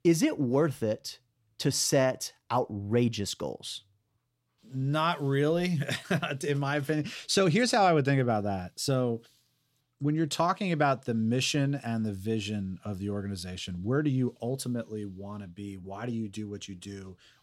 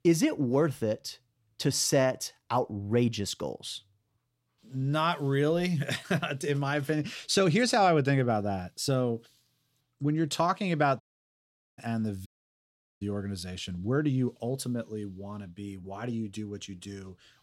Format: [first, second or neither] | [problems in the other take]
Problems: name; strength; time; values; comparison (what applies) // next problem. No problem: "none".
first | audio cutting out; at 11 s for 1 s and at 12 s for 1 s